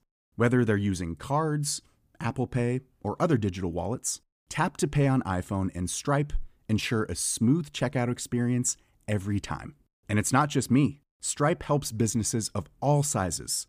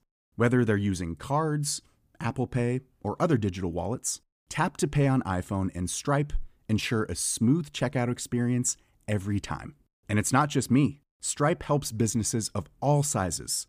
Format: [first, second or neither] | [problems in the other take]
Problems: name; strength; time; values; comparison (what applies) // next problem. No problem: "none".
neither | none